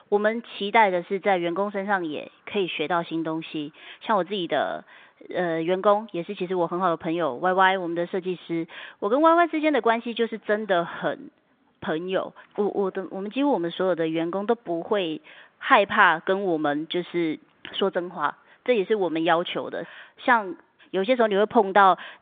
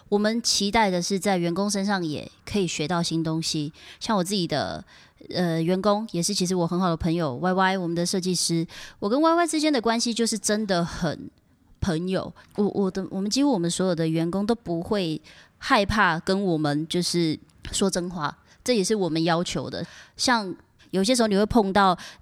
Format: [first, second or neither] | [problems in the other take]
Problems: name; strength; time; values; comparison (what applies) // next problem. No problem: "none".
second | phone-call audio; nothing above 3.5 kHz